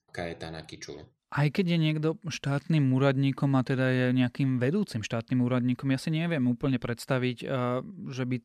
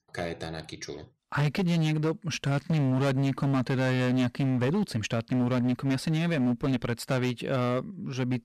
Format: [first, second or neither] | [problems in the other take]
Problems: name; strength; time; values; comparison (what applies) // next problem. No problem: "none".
first | distortion; slight; 16% of the sound clipped